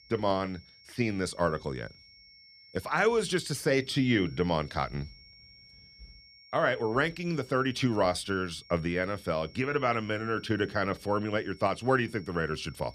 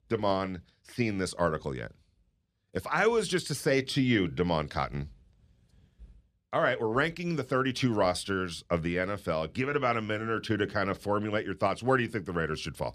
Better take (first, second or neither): second